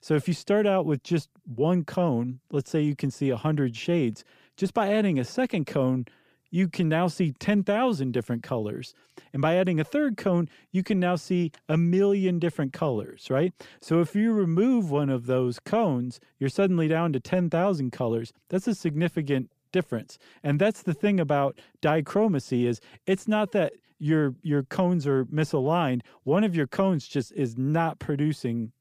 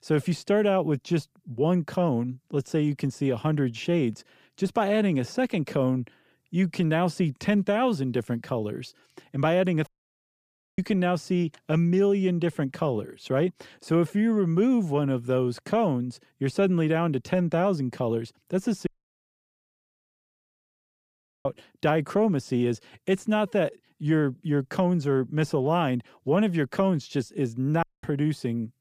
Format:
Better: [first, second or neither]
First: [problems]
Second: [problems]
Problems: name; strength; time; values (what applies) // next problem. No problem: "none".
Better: first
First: none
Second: audio cutting out; at 10 s for 1 s, at 19 s for 2.5 s and at 28 s